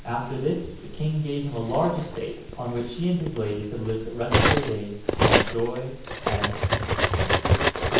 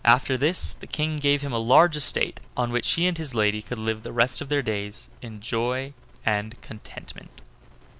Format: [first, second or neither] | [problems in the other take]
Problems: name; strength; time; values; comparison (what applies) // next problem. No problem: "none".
second | background sound (Cutlery, silverware); 3 dB above the speech // room echo; dies away in 0.9 s